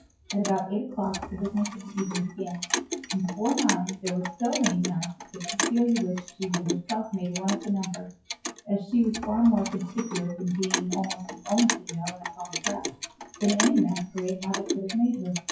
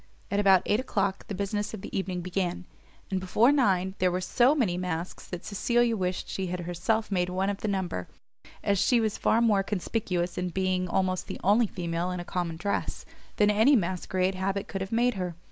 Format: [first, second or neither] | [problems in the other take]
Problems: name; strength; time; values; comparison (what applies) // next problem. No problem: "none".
second | noise reduction (classical method WPE with log-MMSE)